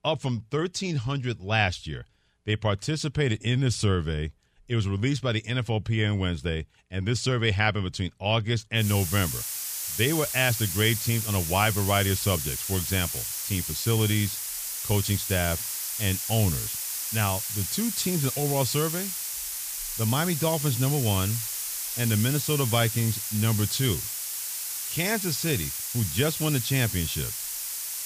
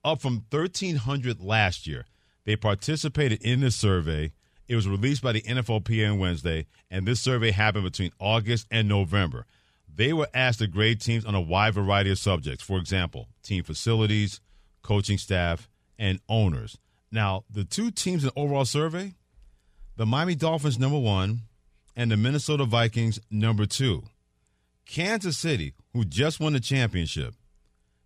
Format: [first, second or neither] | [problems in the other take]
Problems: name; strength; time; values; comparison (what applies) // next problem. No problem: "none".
second | hiss; loud; from 9 s on; 3 dB below the speech